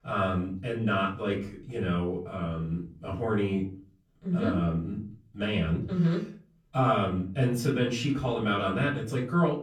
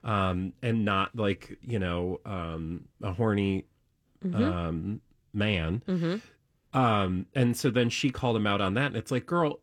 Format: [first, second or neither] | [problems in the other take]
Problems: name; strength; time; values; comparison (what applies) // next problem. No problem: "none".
second | off-mic speech; far // room echo; slight; dies away in 0.3 s